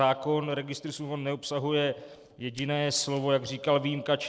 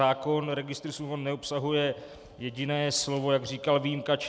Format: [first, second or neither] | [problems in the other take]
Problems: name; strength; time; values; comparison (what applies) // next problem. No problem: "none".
second | noise reduction (neural separator model SepFormer DNS4)